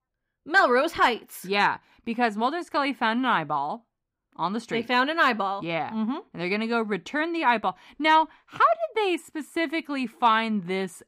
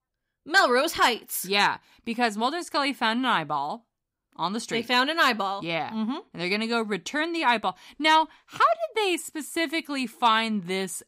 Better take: second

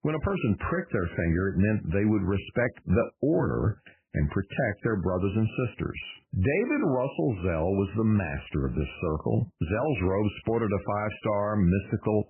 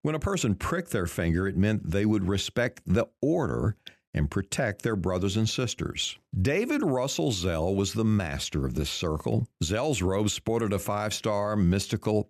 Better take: second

